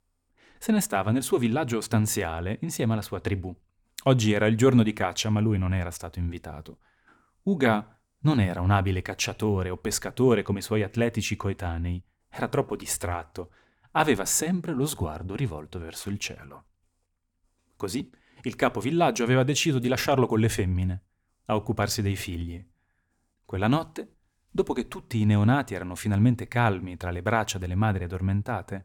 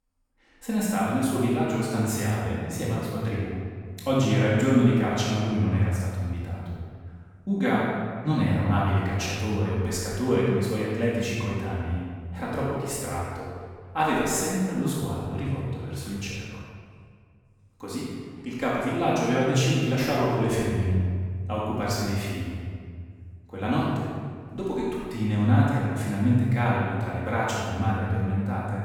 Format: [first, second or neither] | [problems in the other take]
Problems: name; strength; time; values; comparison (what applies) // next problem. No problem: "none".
first | room echo; strong; dies away in 1.6 s // off-mic speech; far